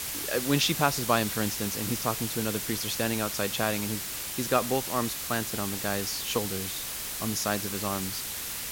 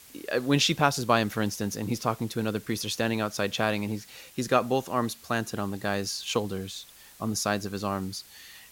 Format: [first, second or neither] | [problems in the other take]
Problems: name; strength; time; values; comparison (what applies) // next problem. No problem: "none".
second | hiss; loud; throughout; 2 dB below the speech; faint in the second